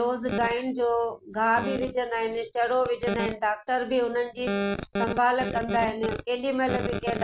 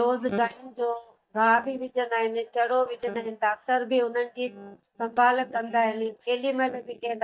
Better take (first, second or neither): first